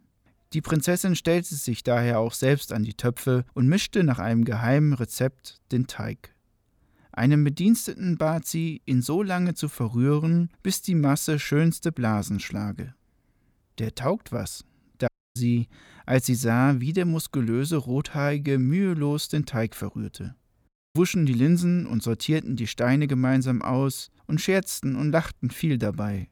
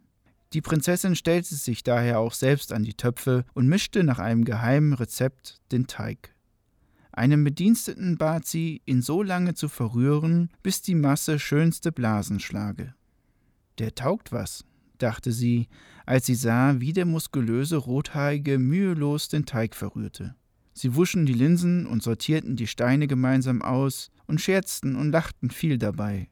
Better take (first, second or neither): second